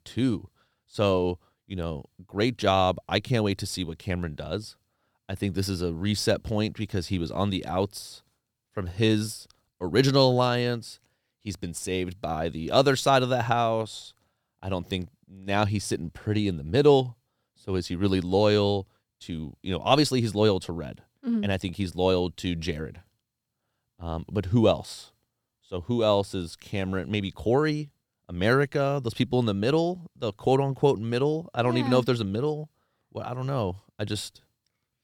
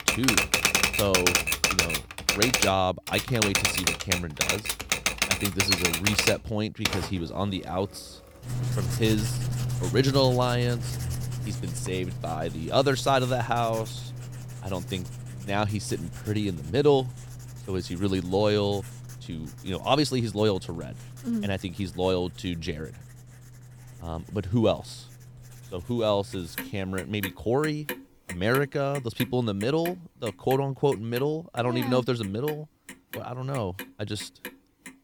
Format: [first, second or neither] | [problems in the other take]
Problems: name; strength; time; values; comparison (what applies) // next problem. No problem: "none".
first | household noises; very loud; throughout; as loud as the speech